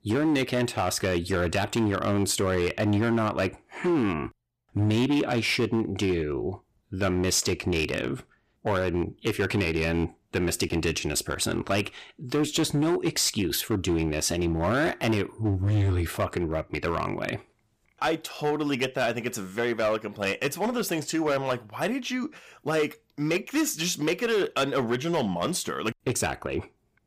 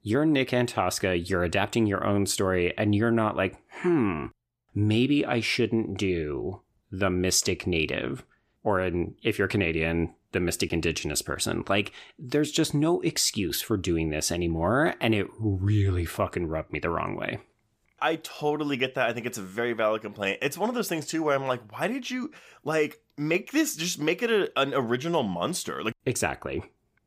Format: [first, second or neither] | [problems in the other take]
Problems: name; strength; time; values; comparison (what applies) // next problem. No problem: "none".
second | distortion; slight; 9% of the sound clipped